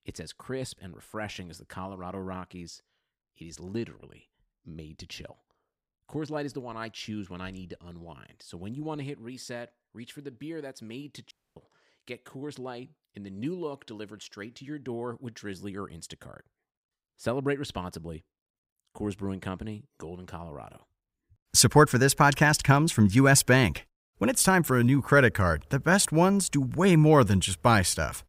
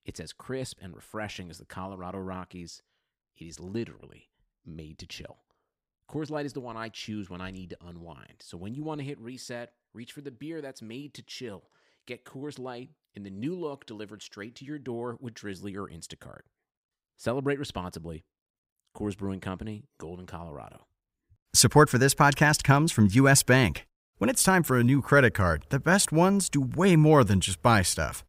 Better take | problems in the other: second | audio cutting out; at 11 s

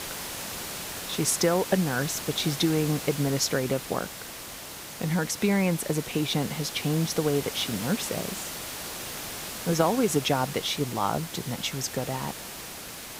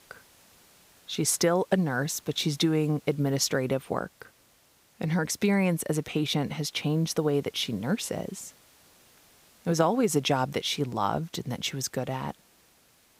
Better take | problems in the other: second | hiss; loud; throughout; 8 dB below the speech; faint in the second

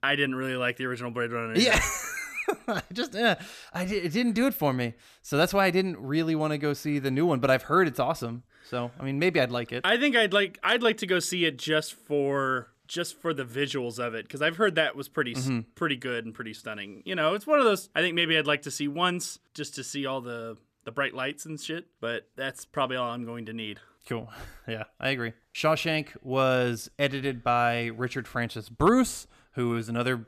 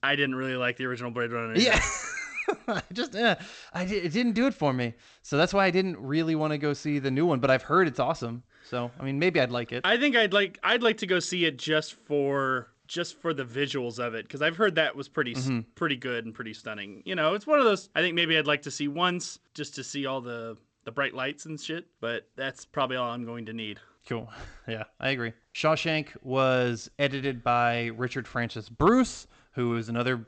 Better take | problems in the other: first | garbled, watery; slightly; nothing above 8 kHz

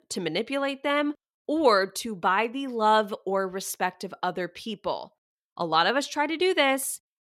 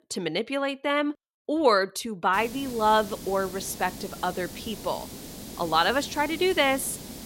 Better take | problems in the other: first | hiss; noticeable; from 2.5 s on; 15 dB below the speech

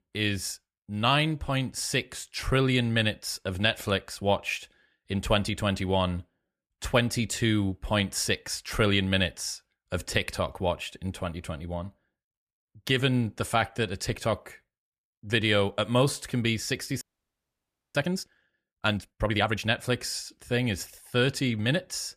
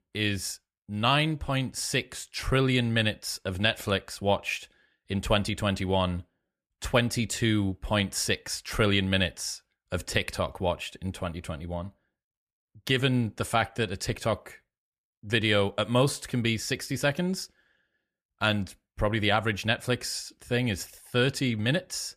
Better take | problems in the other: second | audio freezing; at 17 s for 1 s

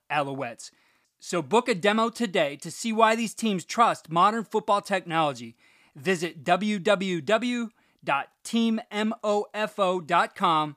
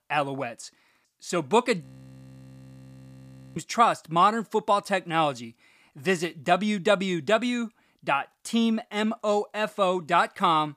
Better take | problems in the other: first | audio freezing; at 2 s for 1.5 s

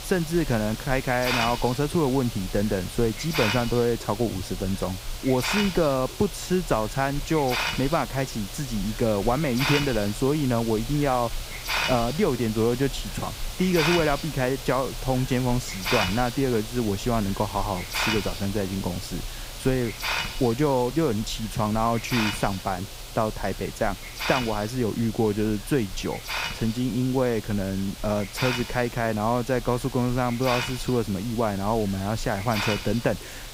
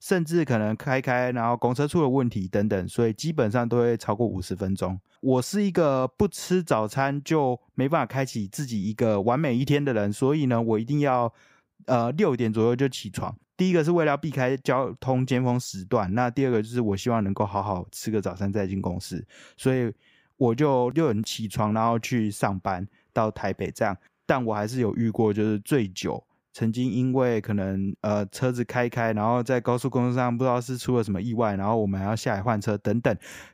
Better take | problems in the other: second | hiss; loud; throughout; 6 dB below the speech

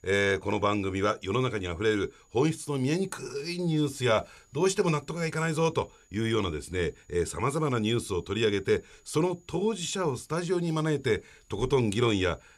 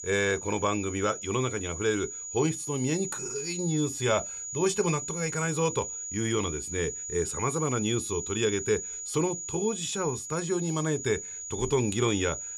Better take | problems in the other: first | high-pitched whine; loud; throughout; 7 kHz, 5 dB below the speech; faint in the first

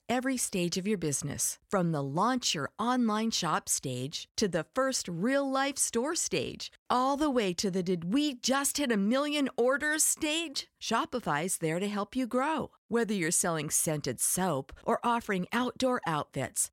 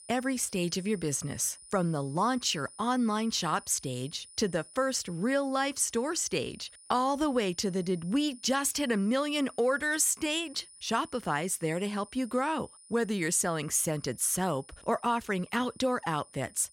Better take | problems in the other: first | high-pitched whine; faint; throughout; 9.5 kHz, 20 dB below the speech

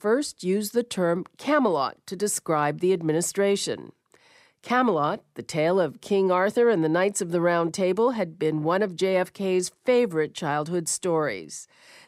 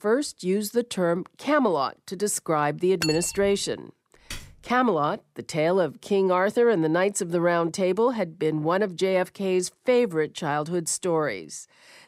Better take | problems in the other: first | clattering dishes; noticeable; at 3 s; peak 5 dB below the speech // keyboard typing; faint; at 4.5 s; peak 15 dB below the speech

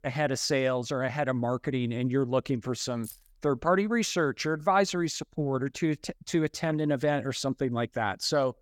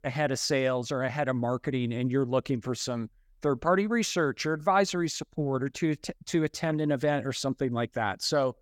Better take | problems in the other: second | jangling keys; faint; at 3 s; peak 15 dB below the speech

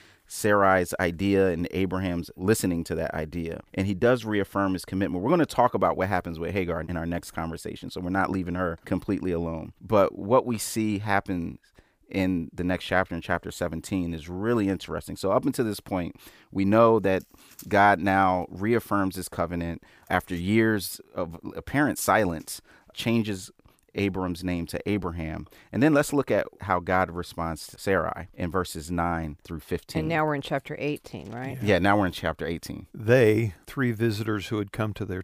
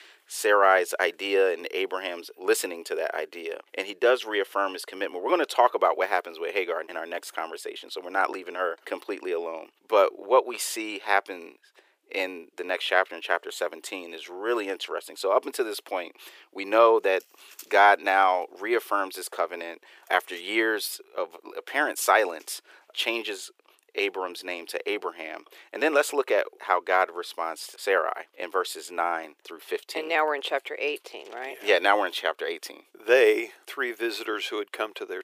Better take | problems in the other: first | thin; very; fading below 400 Hz

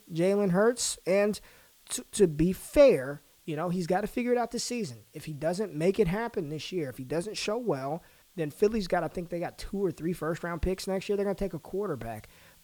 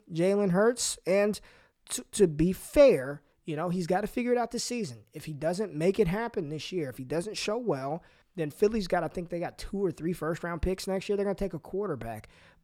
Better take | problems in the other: second | hiss; faint; throughout; 30 dB below the speech

